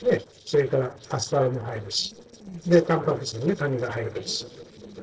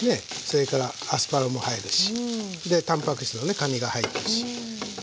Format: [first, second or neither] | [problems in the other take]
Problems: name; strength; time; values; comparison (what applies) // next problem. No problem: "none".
second | noise reduction (neural separator model SepFormer DNS4)